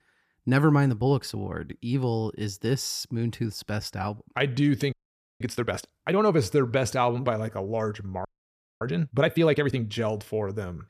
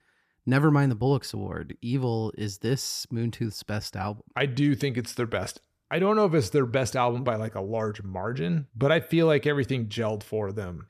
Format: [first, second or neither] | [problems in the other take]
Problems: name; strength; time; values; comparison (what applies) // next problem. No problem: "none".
second | audio freezing; at 5 s and at 8.5 s for 0.5 s